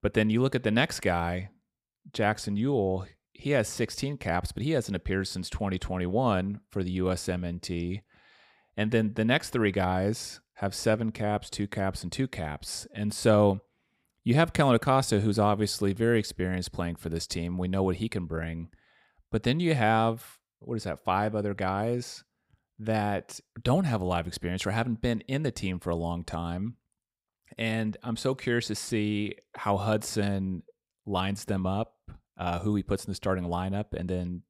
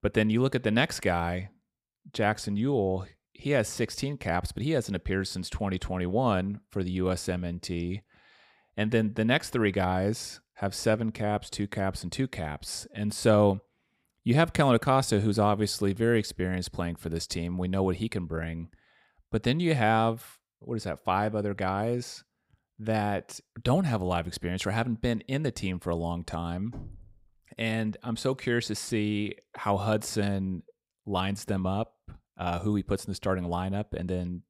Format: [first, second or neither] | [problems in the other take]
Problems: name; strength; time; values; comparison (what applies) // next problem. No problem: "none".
first | door banging; faint; at 27 s; peak 15 dB below the speech